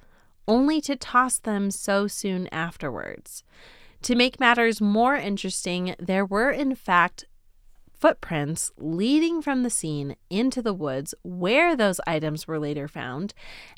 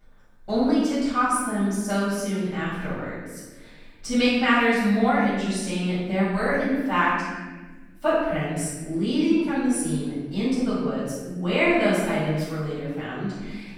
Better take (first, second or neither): first